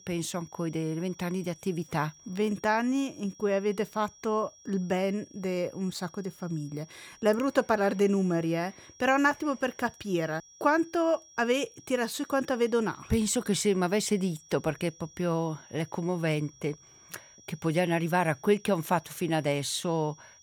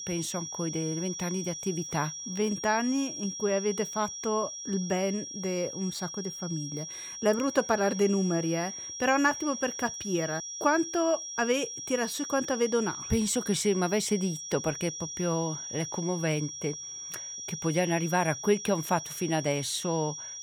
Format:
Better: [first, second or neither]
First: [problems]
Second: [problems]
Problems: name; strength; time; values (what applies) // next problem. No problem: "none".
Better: first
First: high-pitched whine; faint; throughout; 5.5 kHz, 25 dB below the speech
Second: high-pitched whine; loud; throughout; 5.5 kHz, 7 dB below the speech